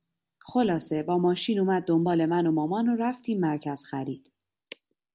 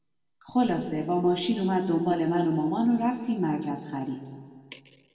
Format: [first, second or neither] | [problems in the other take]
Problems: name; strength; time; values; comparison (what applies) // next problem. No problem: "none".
first | room echo; dies away in 1.6 s